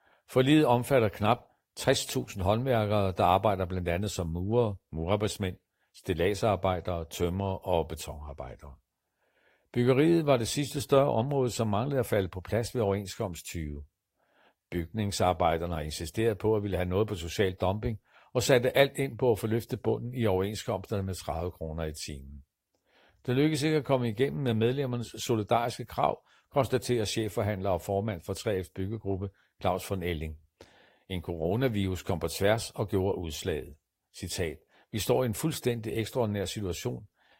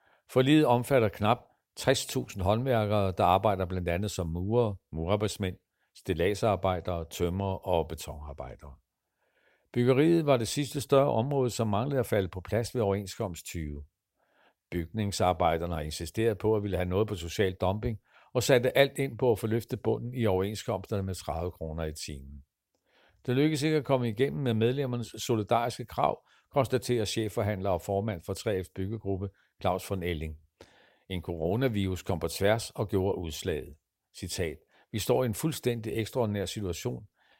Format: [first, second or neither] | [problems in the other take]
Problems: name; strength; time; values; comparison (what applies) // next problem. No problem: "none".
second | garbled, watery; slightly; nothing above 16 kHz